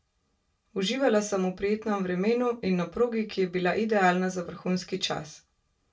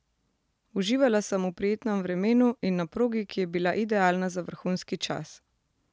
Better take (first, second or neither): second